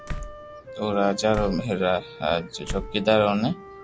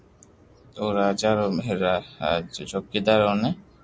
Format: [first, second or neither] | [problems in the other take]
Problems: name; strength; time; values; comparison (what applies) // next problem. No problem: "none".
second | background sound (Slam + Wind instrument, woodwind instrument); 11 dB below the speech